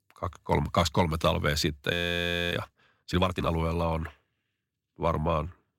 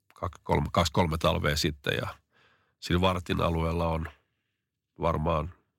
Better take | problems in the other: second | audio freezing; at 2 s for 0.5 s

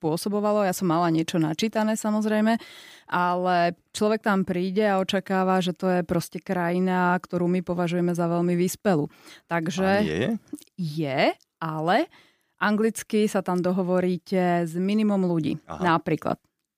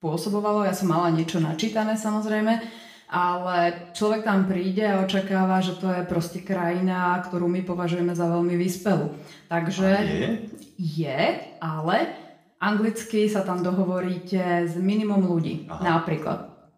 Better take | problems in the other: first | room echo; slight; dies away in 0.6 s // off-mic speech; far

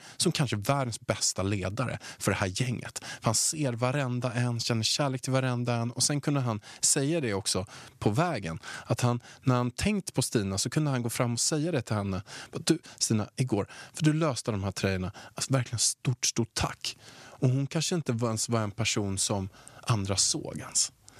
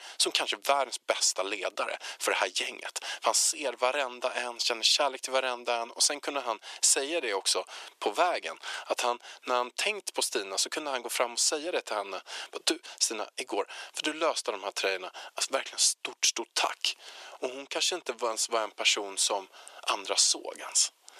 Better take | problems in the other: first | thin; very; fading below 400 Hz

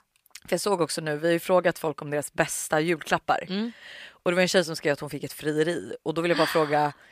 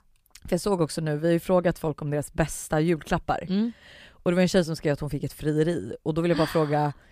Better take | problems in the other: second | thin; somewhat; fading below 550 Hz

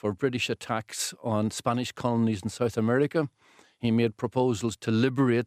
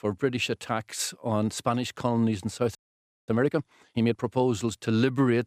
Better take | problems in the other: first | audio freezing; at 3 s for 0.5 s

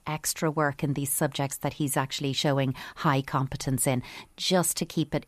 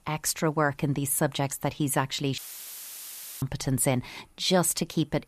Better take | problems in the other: first | audio cutting out; filled with static; at 2.5 s for 1 s

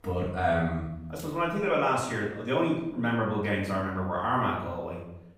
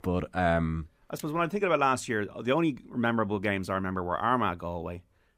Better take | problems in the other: second | off-mic speech; far // room echo; noticeable; dies away in 0.7 s

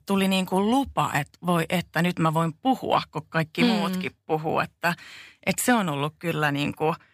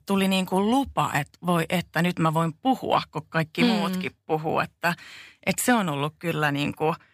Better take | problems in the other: neither | none

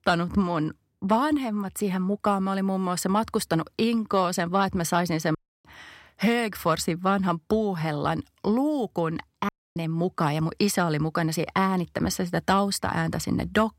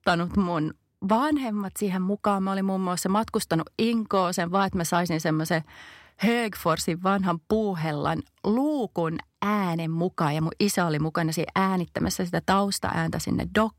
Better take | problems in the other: second | audio cutting out; at 5.5 s and at 9.5 s

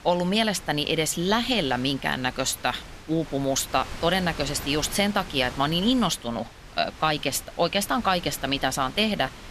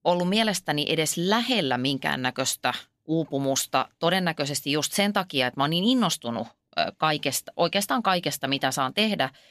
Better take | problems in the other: second | wind noise on the microphone; occasional gusts; 15 dB below the speech

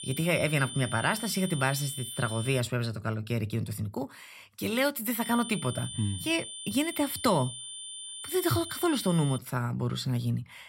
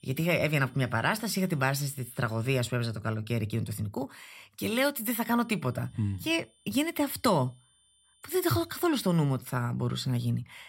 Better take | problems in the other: second | high-pitched whine; loud; until 2.5 s and from 5 to 9.5 s; 9 kHz, 9 dB below the speech; faint in the second

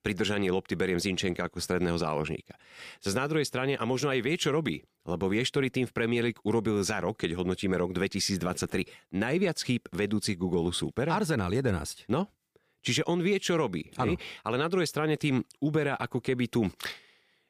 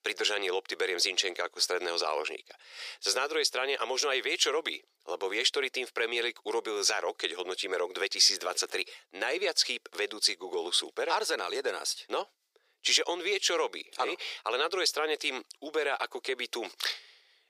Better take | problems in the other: first | thin; very; fading below 400 Hz

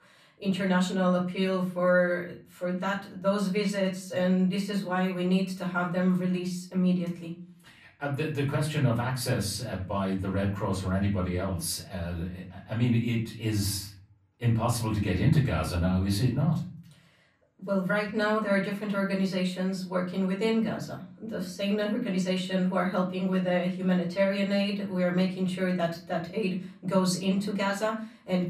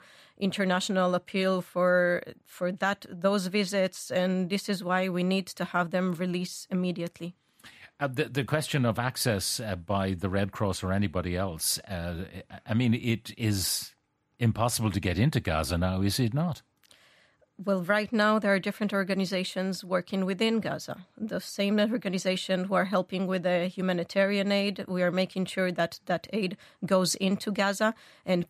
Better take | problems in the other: second | room echo; slight; dies away in 0.5 s // off-mic speech; far

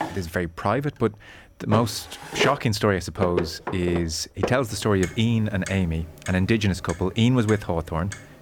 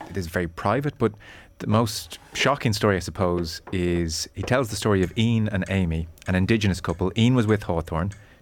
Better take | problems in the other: second | household noises; loud; throughout; 9 dB below the speech; faint in the second

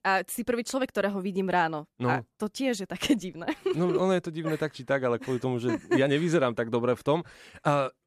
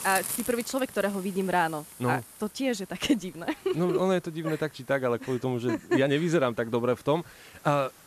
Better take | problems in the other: first | hiss; noticeable; throughout; 15 dB below the speech

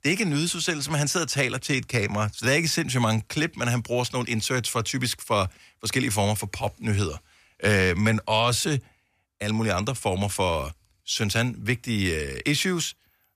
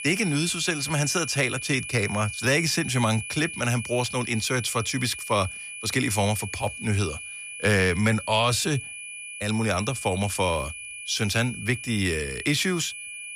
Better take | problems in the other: first | high-pitched whine; loud; throughout; 2.5 kHz, 9 dB below the speech

